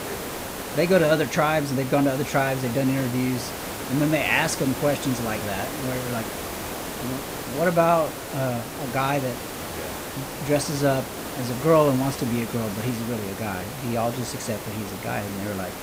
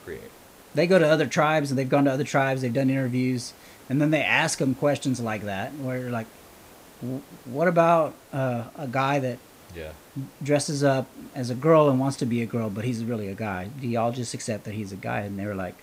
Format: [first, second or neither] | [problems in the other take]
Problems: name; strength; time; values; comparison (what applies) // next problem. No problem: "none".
second | hiss; loud; throughout; 7 dB below the speech; faint in the second